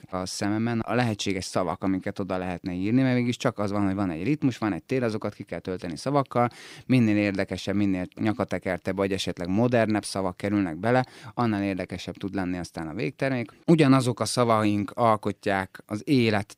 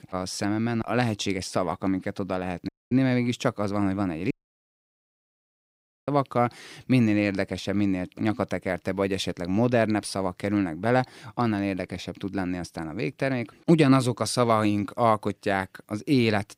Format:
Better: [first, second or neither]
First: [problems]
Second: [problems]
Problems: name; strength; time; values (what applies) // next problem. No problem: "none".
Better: first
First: none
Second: audio cutting out; at 2.5 s and at 4.5 s for 2 s